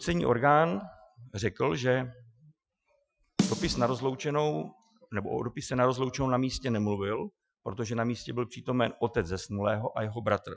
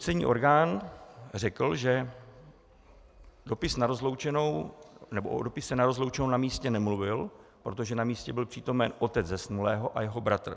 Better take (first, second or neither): second